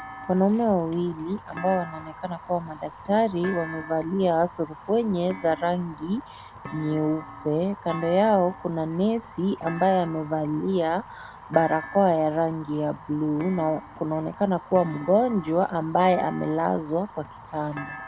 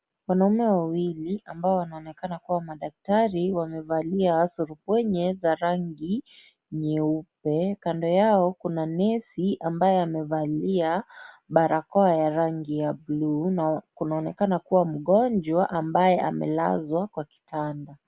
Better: second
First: background sound (Fire + Thump, thud); 15 dB below the speech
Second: none

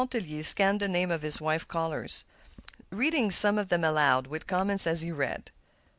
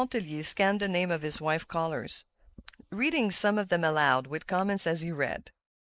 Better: first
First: none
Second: noise reduction (neural mask model Resemble Enhance denoiser)

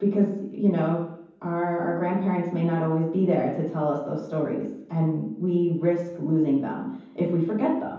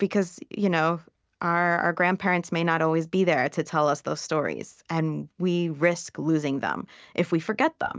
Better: second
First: room echo; dies away in 0.9 s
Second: none

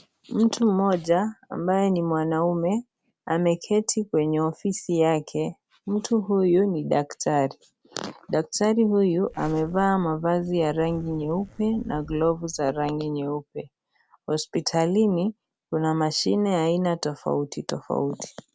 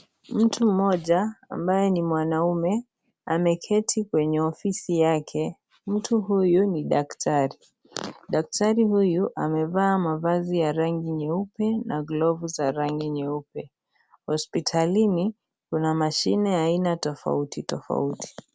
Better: second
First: background sound (Zipper (clothing)); 20 dB below the speech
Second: none

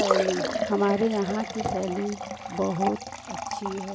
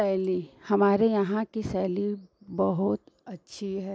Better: second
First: background sound (Liquid); 2 dB below the speech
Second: none

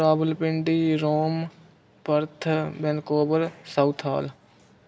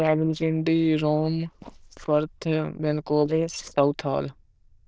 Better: first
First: none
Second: noise reduction (neural diffusion model UNIVERSE++)

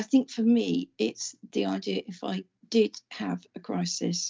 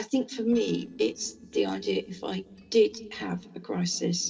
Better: first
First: none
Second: noise reduction (neural separator model SepFormer DNS4)

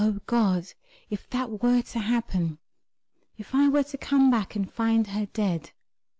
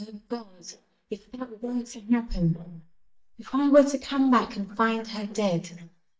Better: first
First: none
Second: noise reduction (neural mask model DeepFilterNet 3)

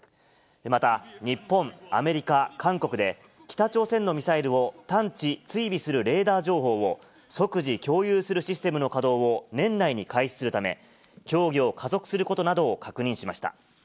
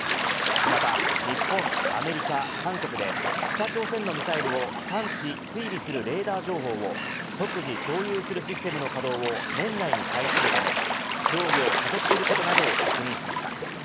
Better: first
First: none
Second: background sound (Gull, seagull / Waves, surf); 4 dB above the speech

